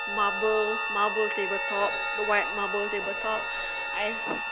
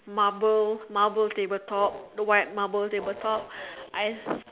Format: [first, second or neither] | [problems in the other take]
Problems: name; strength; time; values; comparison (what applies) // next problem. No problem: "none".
second | background sound (Piano + Bowed string instrument); 1 dB below the speech